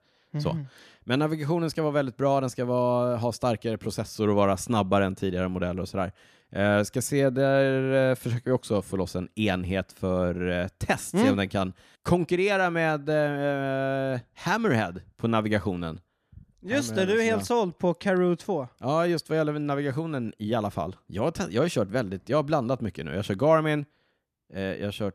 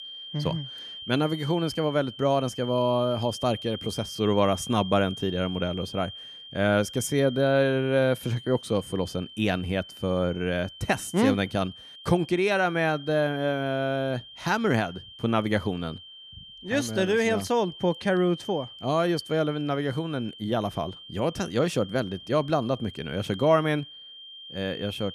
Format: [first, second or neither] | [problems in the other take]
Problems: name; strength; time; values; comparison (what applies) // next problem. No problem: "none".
first | high-pitched whine; noticeable; throughout; 3 kHz, 15 dB below the speech